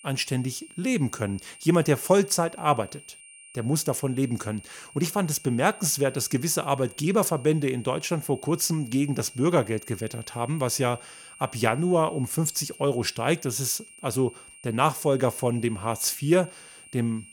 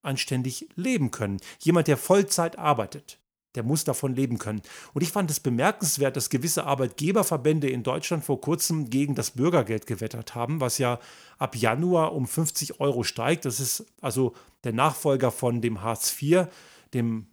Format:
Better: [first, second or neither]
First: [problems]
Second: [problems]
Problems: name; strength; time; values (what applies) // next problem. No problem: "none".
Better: second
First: high-pitched whine; noticeable; throughout; 9 kHz, 20 dB below the speech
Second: none